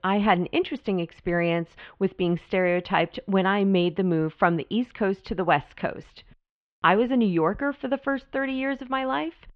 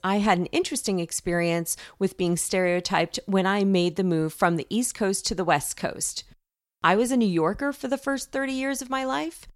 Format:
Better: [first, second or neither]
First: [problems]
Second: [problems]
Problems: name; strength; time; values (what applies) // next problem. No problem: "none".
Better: second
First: muffled; very; fading above 3 kHz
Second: none